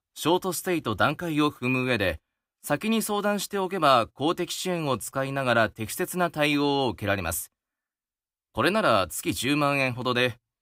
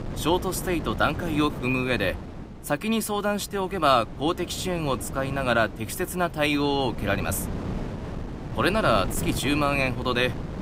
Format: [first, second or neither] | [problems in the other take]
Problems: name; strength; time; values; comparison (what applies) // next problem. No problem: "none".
first | wind noise on the microphone; occasional gusts; 15 dB below the speech